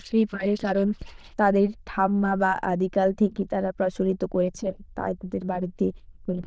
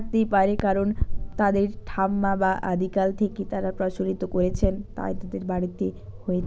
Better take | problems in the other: second | noise reduction (neural diffusion model UNIVERSE++)

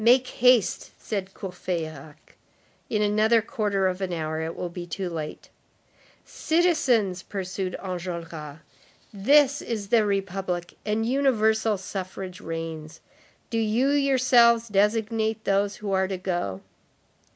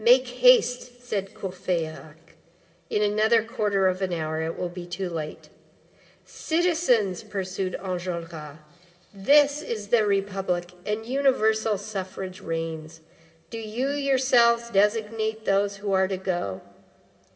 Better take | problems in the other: first | room echo; dies away in 2.6 s

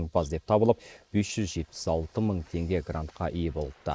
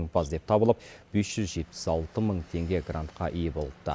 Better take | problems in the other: second | noise reduction (neural mask model Resemble Enhance denoiser)

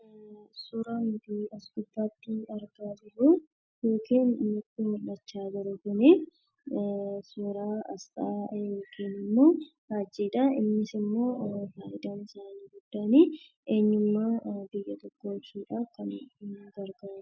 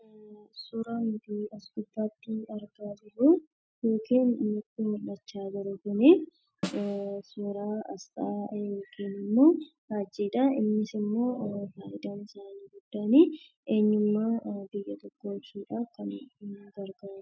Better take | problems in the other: first | noise reduction (neural mask model RNNoise)

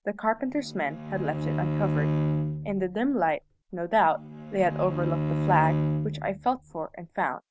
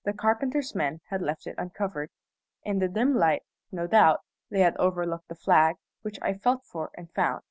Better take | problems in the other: second | background sound (Bowed string instrument); 2 dB below the speech

